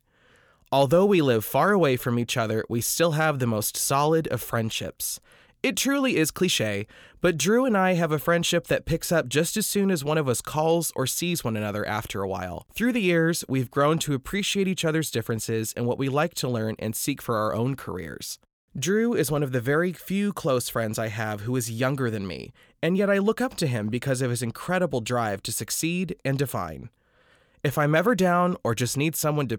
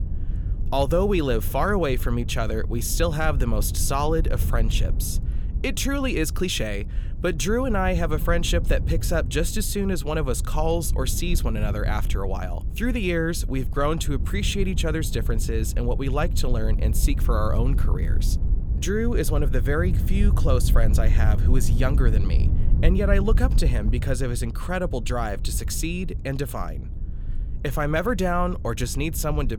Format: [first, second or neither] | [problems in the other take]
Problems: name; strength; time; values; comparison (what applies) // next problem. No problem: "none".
first | wind noise on the microphone; occasional gusts; 15 dB below the speech